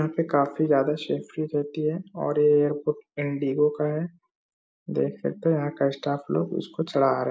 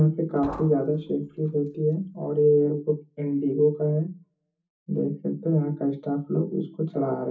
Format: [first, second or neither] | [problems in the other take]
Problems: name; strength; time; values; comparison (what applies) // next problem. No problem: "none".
first | background sound (Liquid); 18 dB below the speech // room echo; dies away in 0.3 s